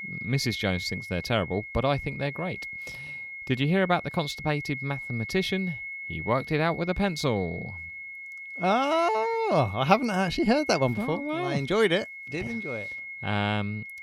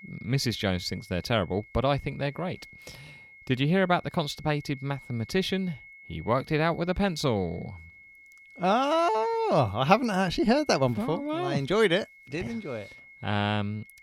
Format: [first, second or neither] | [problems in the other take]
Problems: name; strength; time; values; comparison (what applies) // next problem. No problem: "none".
second | high-pitched whine; loud; throughout; 2 kHz, 9 dB below the speech; faint in the second